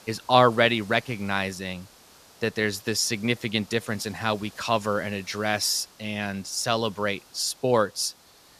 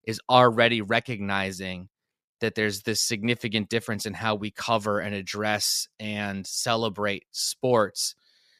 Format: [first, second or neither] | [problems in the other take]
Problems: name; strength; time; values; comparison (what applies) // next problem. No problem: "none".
second | hiss; faint; throughout; 25 dB below the speech